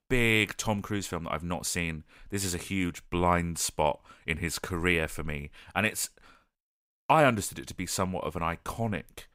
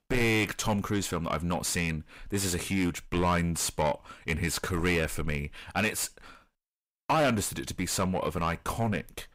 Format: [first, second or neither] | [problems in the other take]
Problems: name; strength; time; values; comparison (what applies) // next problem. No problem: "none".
first | distortion; heavy; 6 dB below the speech